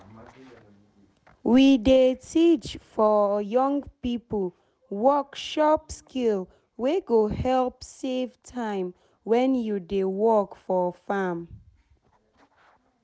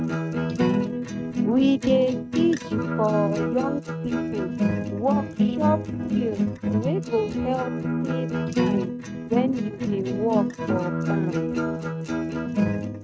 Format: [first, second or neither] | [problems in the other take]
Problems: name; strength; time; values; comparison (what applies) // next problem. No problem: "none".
first | noise reduction (neural mask model RNNoise)